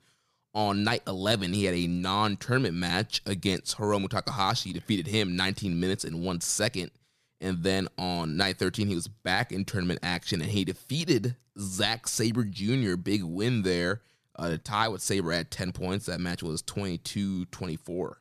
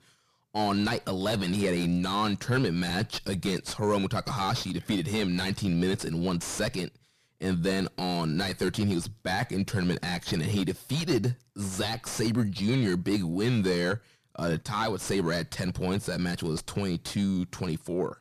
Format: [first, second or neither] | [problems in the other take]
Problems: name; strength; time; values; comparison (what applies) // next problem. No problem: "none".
first | distortion; heavy; 6 dB below the speech